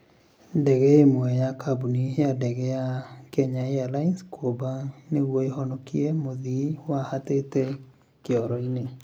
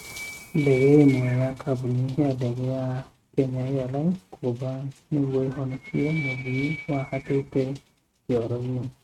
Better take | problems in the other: first | noise reduction (neural mask model RNNoise)

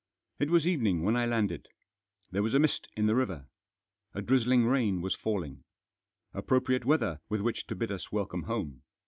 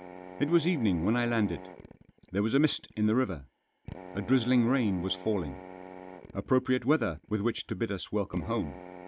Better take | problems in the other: first | background sound (Drill); 17 dB below the speech

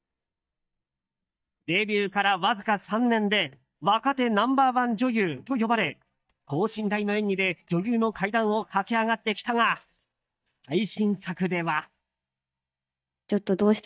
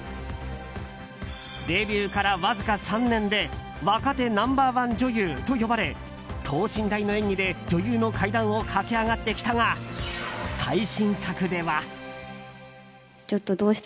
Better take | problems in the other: second | noise reduction (neural mask model DeepFilterNet 3)

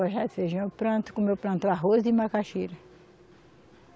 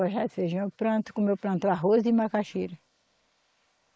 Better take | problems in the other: first | noise reduction (neural mask model Resemble Enhance denoiser)

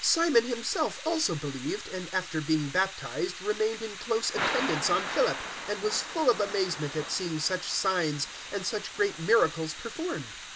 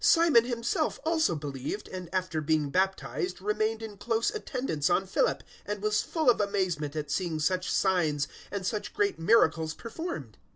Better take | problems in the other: second | background sound (Thunder / Rain); 9 dB below the speech

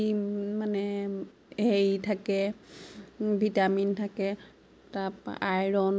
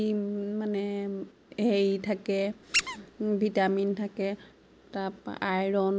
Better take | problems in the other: first | background sound (Squeak); 5 dB below the speech

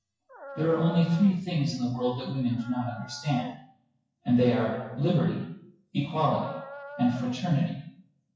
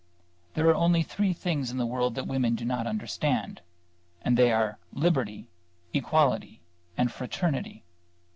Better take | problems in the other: second | noise reduction (classical method WPE with log-MMSE)

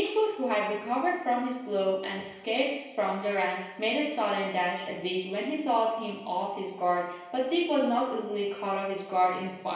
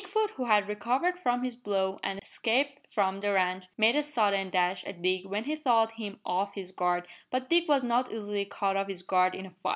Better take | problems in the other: second | room echo; dies away in 0.9 s

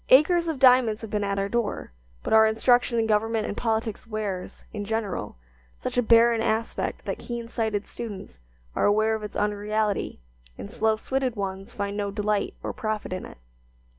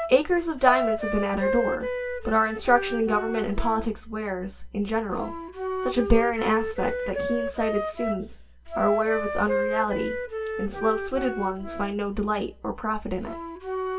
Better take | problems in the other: first | background sound (Wind instrument, woodwind instrument); 5 dB below the speech // room echo; dies away in 0.2 s

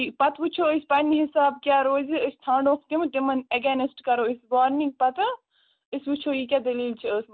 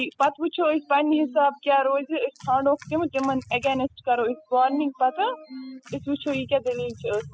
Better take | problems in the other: first | noise reduction (classical method spectral subtraction)

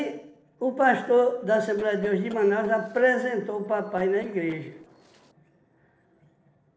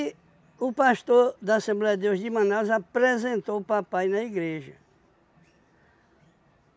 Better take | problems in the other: second | noise reduction (neural separator model SepFormer DNS4)

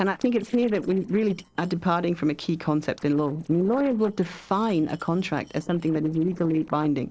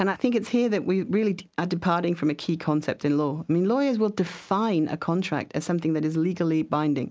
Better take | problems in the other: second | noise reduction (neural separator model SepFormer DNS4)

